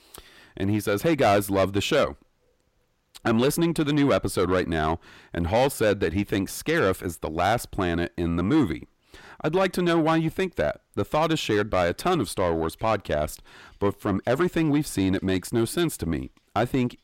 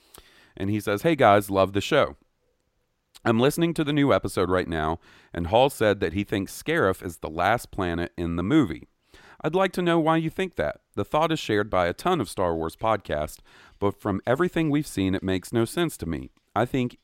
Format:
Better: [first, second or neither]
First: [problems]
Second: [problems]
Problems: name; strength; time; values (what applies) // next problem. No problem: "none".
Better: second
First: distortion; slight; 10 dB below the speech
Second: none